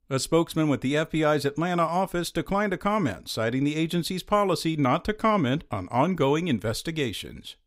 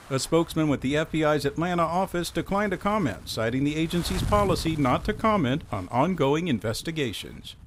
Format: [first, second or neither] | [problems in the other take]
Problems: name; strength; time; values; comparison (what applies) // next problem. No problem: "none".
first | wind noise on the microphone; occasional gusts; 20 dB below the speech